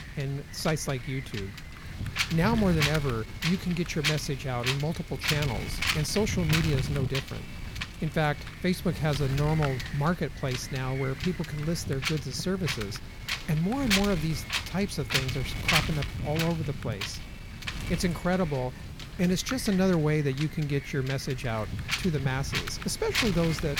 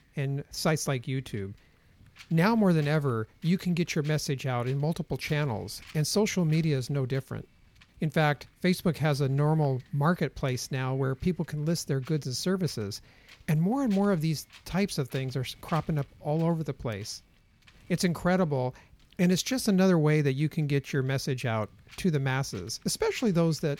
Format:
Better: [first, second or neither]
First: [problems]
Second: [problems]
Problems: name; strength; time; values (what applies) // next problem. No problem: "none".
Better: second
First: wind noise on the microphone; heavy; as loud as the speech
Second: wind noise on the microphone; occasional gusts; 25 dB below the speech